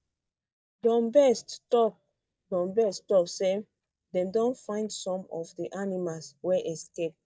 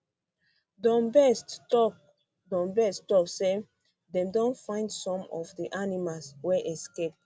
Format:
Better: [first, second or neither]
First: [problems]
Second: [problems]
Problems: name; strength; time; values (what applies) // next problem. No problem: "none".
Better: second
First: noise reduction (neural mask model DeepFilterNet 3)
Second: none